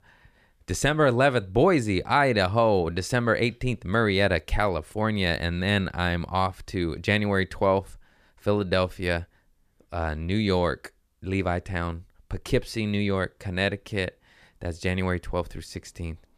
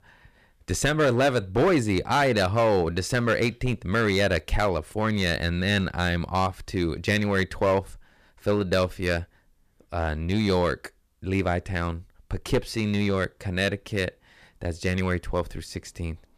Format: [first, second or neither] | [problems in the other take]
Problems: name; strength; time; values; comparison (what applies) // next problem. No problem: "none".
first | distortion; slight; 5% of the sound clipped